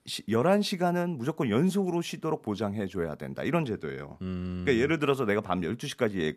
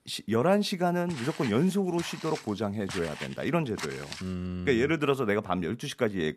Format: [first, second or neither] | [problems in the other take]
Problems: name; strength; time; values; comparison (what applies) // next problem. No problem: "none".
first | footsteps; noticeable; from 1 to 4 s; peak 9 dB below the speech